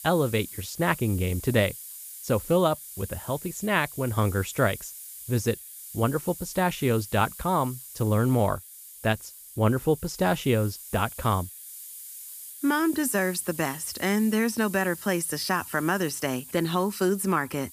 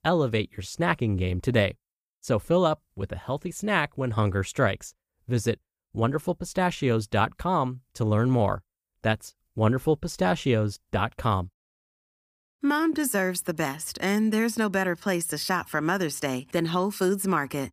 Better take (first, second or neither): second